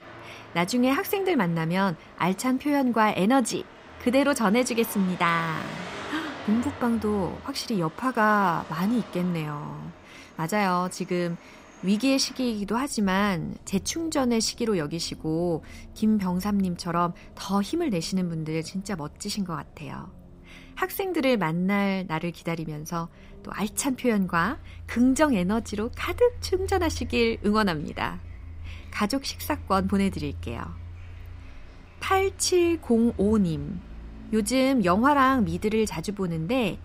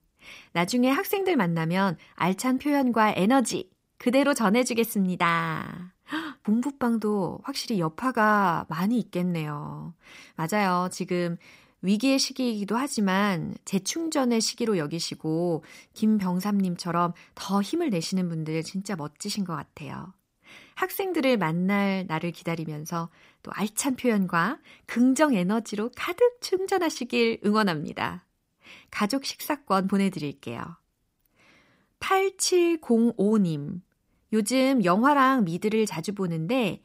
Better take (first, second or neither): second